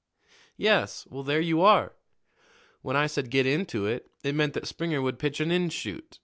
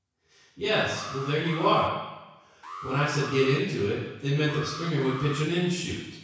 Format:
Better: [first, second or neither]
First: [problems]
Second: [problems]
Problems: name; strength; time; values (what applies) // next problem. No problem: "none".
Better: first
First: none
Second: background sound (Alarm); 14 dB below the speech // room echo; dies away in 1.1 s